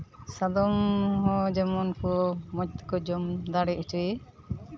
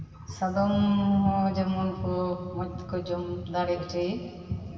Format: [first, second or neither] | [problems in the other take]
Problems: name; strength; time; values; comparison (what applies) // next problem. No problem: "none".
first | room echo; dies away in 2.9 s